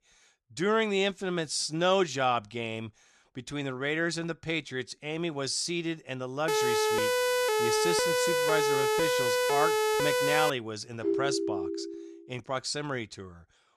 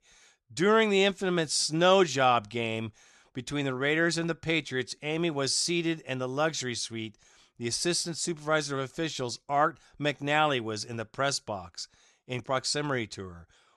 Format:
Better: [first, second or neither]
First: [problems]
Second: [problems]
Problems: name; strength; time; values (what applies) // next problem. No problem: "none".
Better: second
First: siren; loud; from 6.5 to 11 s; peak 5 dB above the speech // phone ringing; loud; from 11 to 12 s; peak 2 dB above the speech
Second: none